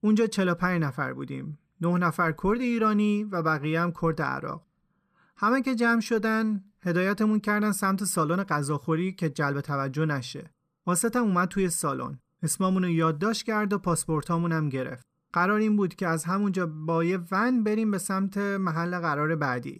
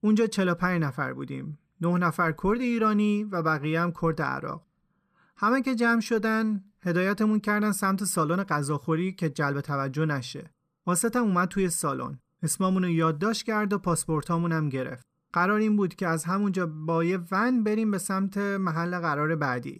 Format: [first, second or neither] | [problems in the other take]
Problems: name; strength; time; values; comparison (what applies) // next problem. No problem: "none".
neither | none